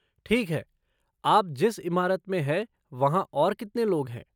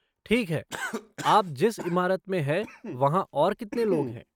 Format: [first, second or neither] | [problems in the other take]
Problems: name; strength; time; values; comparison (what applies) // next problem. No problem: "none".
first | noise reduction (neural mask model RNNoise)